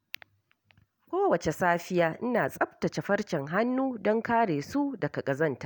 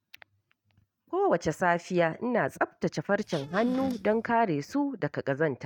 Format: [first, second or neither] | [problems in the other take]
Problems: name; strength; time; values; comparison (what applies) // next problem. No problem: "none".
first | noise reduction (neural mask model RNNoise)